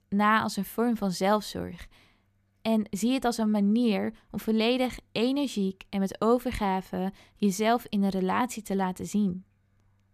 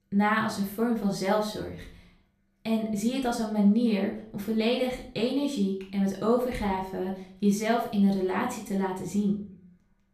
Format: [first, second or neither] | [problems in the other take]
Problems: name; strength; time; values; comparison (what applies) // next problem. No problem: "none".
first | off-mic speech; far // room echo; slight; dies away in 0.4 s